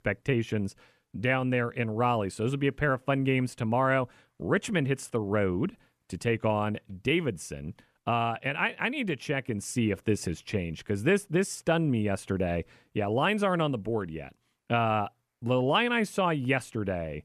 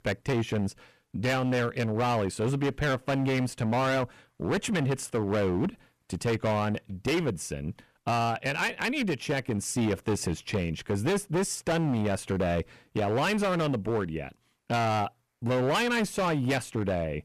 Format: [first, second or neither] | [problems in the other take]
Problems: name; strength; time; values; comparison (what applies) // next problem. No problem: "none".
first | distortion; heavy; 16% of the sound clipped